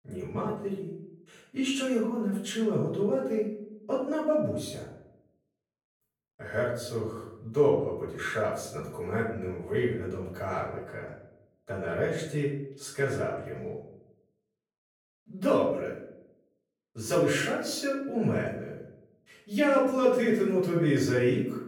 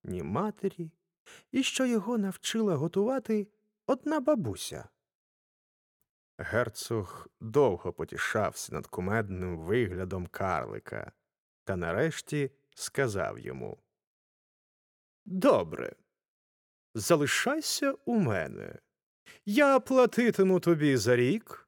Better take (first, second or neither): second